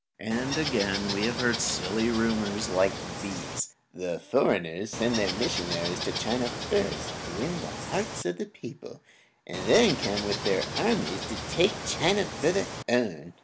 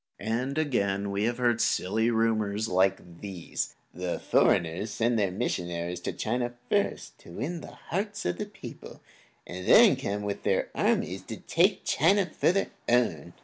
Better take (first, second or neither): second